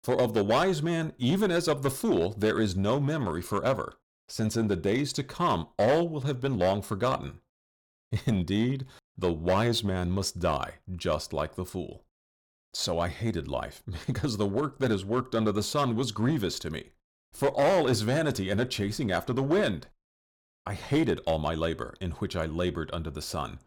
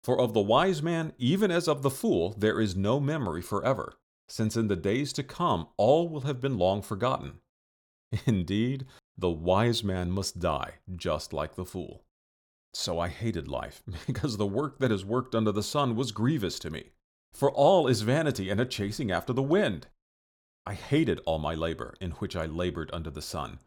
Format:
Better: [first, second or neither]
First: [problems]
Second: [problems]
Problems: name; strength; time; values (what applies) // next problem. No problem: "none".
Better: second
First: distortion; slight; 5% of the sound clipped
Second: none